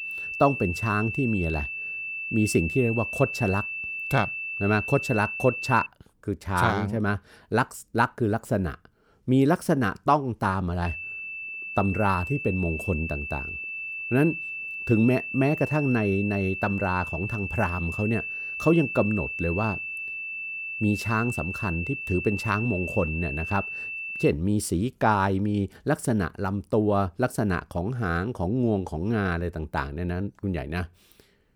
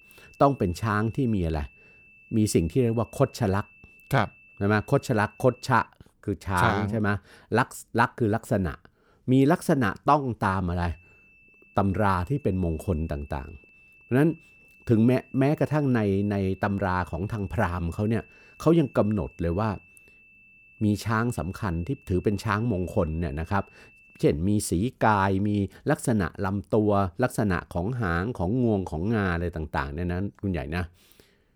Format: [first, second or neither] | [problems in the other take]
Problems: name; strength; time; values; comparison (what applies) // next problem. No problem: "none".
second | high-pitched whine; loud; until 6 s and from 11 to 24 s; 2.5 kHz, 5 dB below the speech; faint in the second